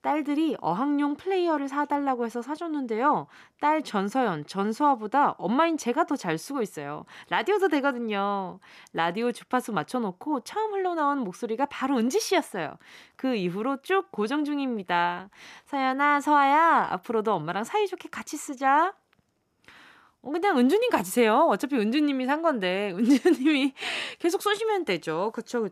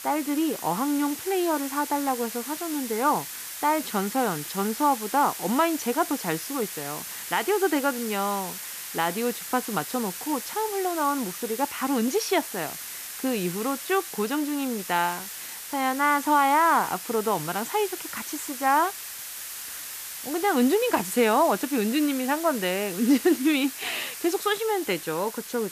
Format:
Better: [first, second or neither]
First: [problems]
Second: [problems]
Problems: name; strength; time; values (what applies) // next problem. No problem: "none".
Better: first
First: none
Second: hiss; loud; throughout; 8 dB below the speech